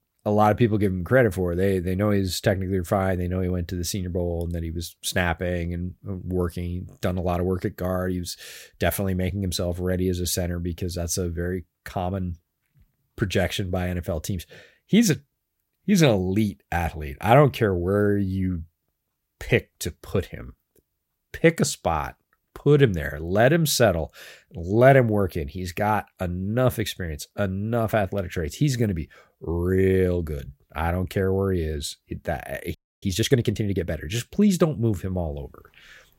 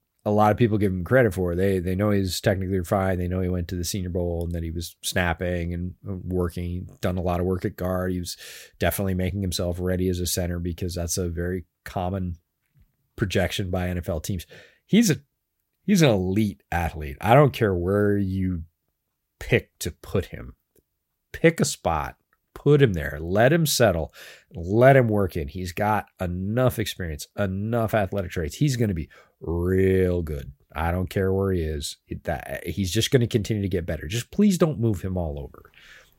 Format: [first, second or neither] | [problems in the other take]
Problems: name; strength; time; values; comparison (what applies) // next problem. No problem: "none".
second | audio freezing; at 33 s